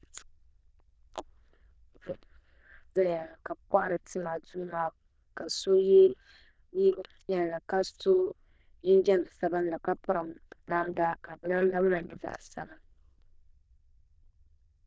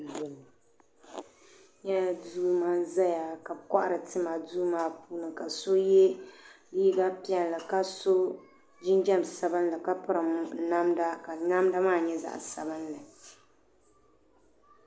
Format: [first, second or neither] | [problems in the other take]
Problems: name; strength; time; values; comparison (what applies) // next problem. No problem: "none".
second | noise reduction (neural diffusion model UNIVERSE++)